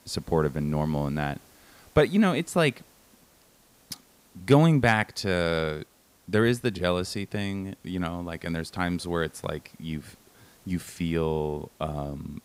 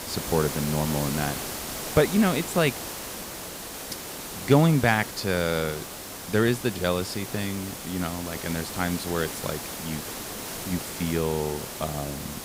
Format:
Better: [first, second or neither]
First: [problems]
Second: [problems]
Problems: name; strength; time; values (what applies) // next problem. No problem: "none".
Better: first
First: hiss; faint; throughout; 30 dB below the speech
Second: hiss; loud; throughout; 7 dB below the speech